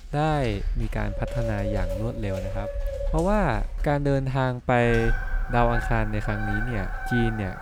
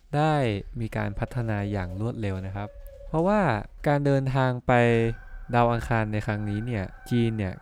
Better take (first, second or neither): second